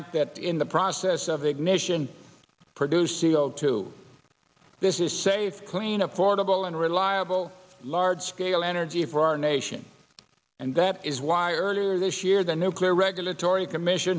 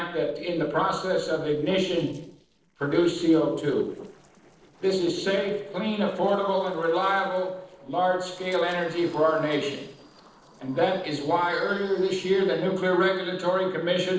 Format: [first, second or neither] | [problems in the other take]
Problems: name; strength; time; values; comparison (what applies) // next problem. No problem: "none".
first | noise reduction (neural separator model SepFormer DNS4)